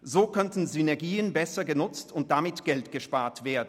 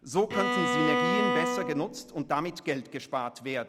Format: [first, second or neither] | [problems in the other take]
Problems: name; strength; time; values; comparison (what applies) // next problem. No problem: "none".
first | background sound (Bowed string instrument); 2 dB above the speech